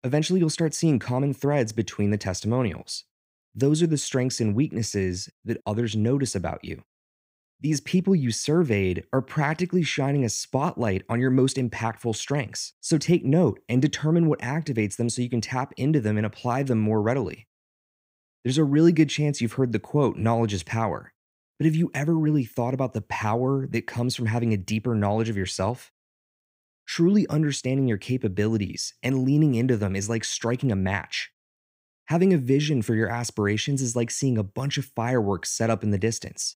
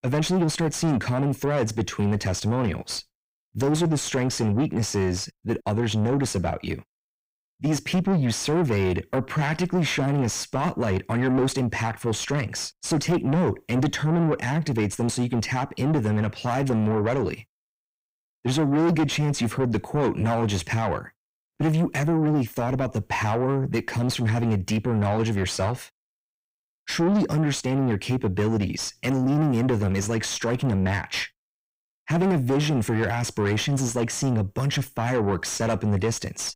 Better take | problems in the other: first | distortion; heavy; 6 dB below the speech

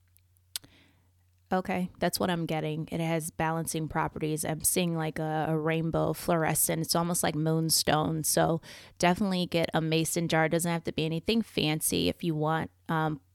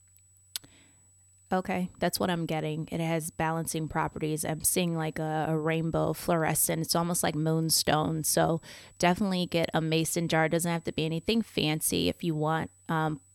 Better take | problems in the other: first | high-pitched whine; faint; throughout; 8 kHz, 30 dB below the speech

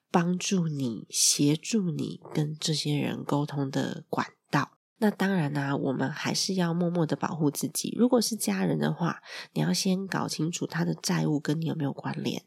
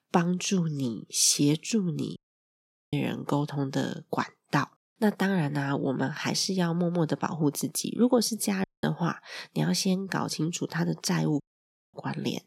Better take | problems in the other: first | audio cutting out; at 2 s for 1 s, at 8.5 s and at 11 s for 0.5 s

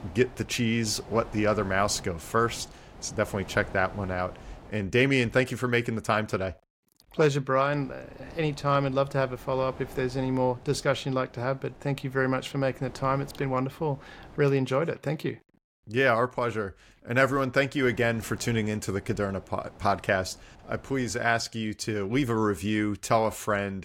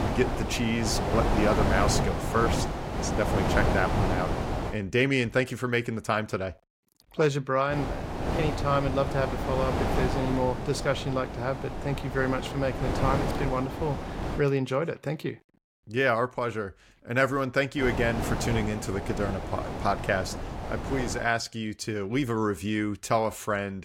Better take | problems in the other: first | wind noise on the microphone; heavy; until 4.5 s, from 7.5 to 14 s and from 18 to 21 s; 4 dB below the speech; occasional gusts in the first

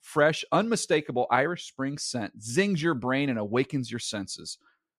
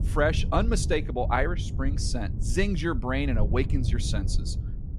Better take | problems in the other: first | wind noise on the microphone; occasional gusts; 15 dB below the speech

